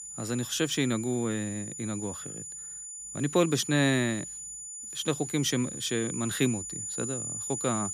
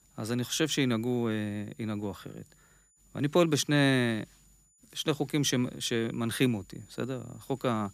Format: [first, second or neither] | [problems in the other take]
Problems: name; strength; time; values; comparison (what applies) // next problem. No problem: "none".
second | high-pitched whine; loud; throughout; 7 kHz, 7 dB below the speech; faint in the second